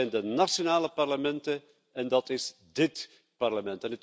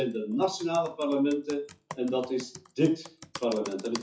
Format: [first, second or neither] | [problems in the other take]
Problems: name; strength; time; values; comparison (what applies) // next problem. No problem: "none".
first | noise reduction (classical method WPE with log-MMSE)